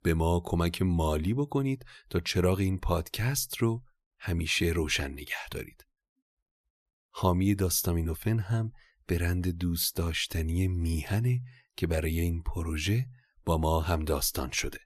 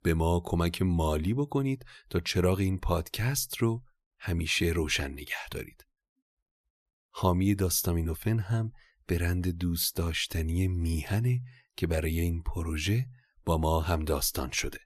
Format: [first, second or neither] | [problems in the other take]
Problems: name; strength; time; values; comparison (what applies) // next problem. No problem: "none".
neither | none